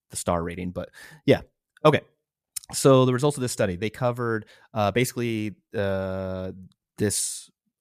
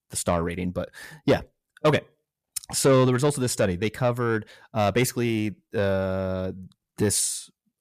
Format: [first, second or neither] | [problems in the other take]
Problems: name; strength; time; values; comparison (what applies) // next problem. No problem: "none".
first | distortion; slight; 10 dB below the speech